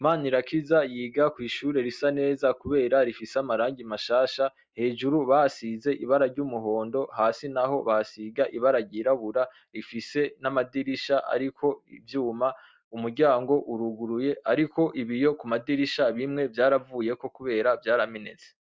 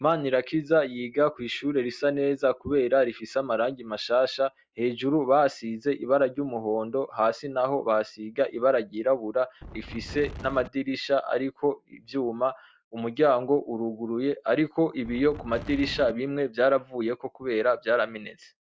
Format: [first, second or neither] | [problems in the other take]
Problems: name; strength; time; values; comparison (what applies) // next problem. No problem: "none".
first | background sound (Wind); 13 dB below the speech